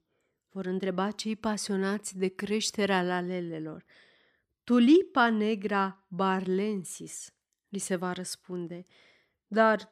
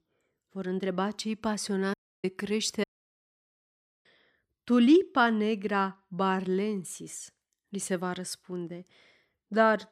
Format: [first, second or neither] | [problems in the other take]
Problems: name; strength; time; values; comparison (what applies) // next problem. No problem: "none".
first | audio cutting out; at 2 s and at 3 s for 1 s